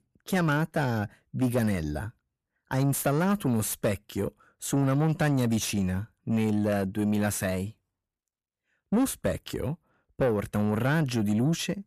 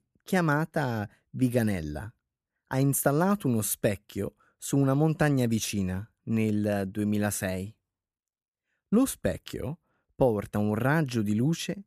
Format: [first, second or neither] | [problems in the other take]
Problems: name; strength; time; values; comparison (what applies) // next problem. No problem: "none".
second | distortion; slight; 10 dB below the speech